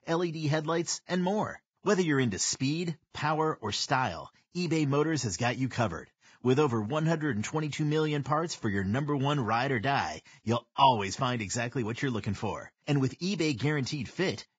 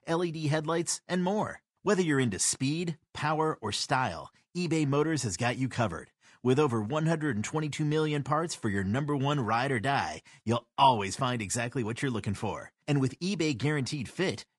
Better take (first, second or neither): second